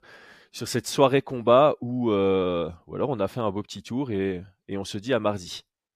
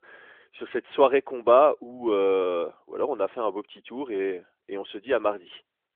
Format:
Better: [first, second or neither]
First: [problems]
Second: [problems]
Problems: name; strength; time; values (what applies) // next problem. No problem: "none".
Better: first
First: none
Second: phone-call audio; nothing above 3.5 kHz